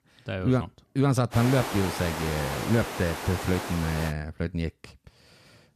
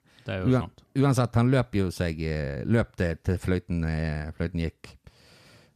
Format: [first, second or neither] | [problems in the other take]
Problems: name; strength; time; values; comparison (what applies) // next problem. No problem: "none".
second | hiss; loud; from 1.5 to 4 s; 6 dB below the speech